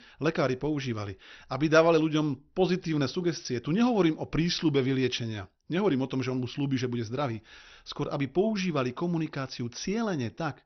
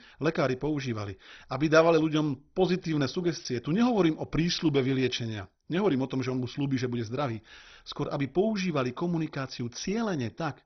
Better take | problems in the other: first | garbled, watery; badly; nothing above 6 kHz; slightly in the first

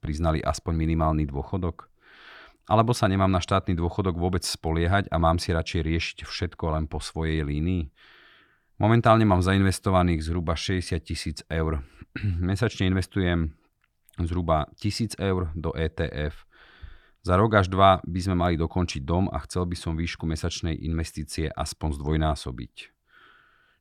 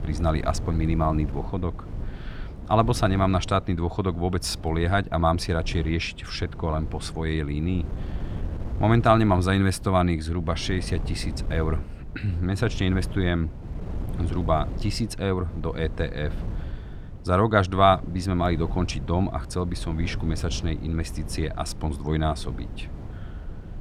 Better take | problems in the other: first | wind noise on the microphone; occasional gusts; 20 dB below the speech

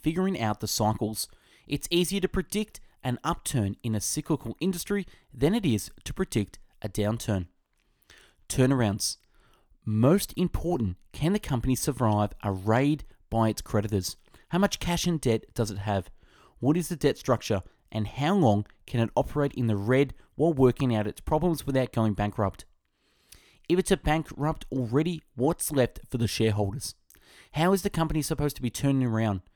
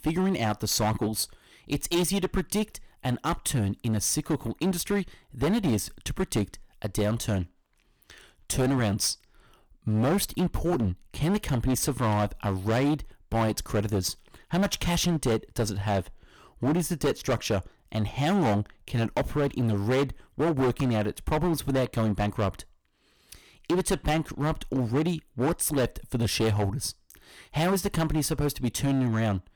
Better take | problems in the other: first | distortion; heavy; 12% of the sound clipped

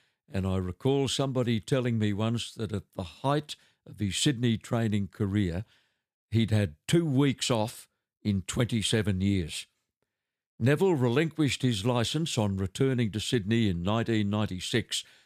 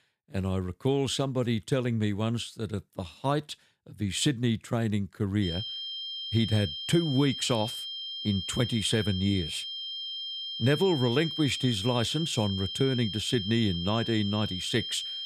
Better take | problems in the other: first | high-pitched whine; loud; from 5.5 s on; 3 kHz, 5 dB below the speech

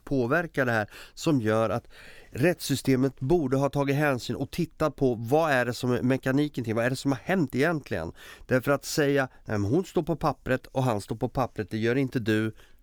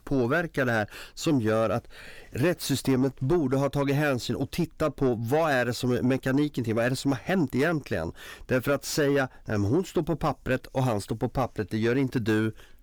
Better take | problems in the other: first | distortion; slight; 10 dB below the speech

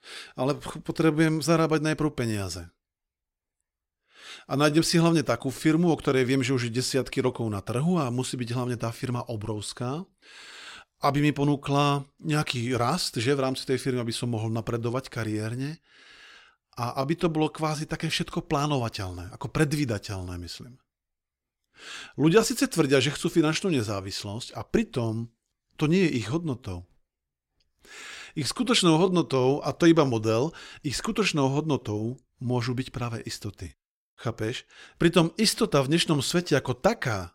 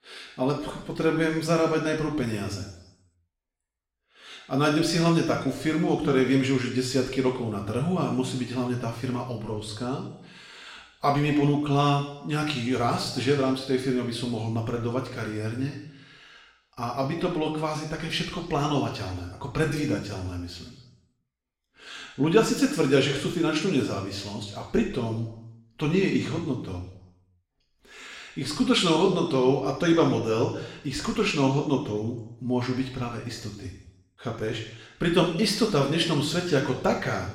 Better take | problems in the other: first | room echo; noticeable; dies away in 0.9 s // off-mic speech; far

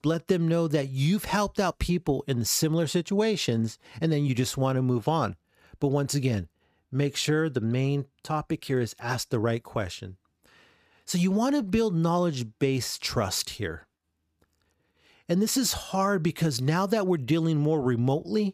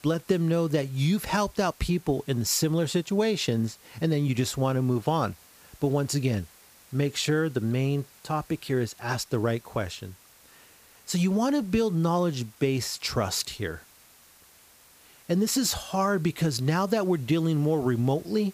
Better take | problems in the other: first | hiss; faint; throughout; 25 dB below the speech

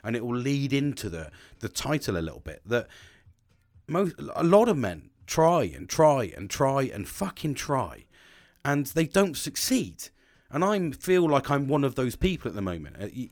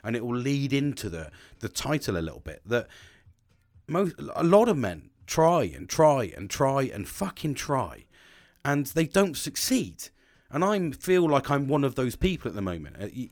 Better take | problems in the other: neither | none

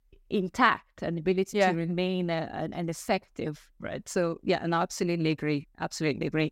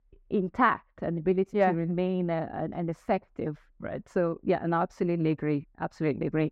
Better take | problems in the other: first | muffled; very; fading above 3 kHz

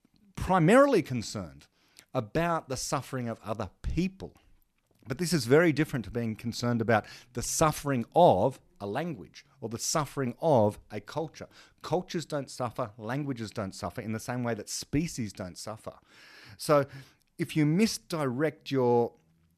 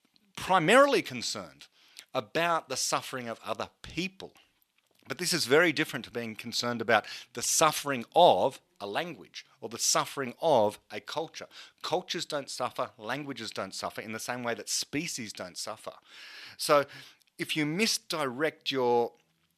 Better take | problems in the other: first | thin; somewhat; fading below 650 Hz

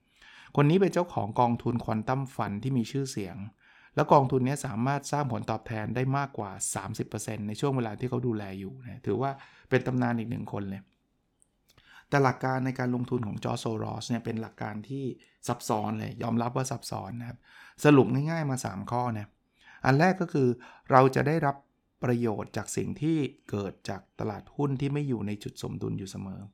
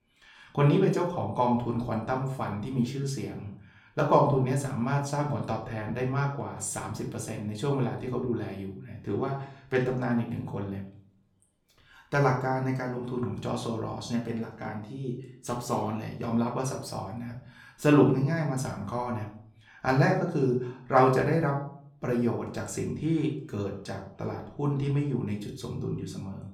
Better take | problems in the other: first | room echo; slight; dies away in 0.5 s // off-mic speech; far

